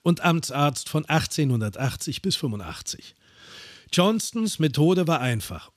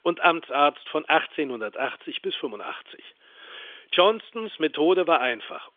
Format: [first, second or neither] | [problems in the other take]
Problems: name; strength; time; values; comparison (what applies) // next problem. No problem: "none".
first | phone-call audio; nothing above 3.5 kHz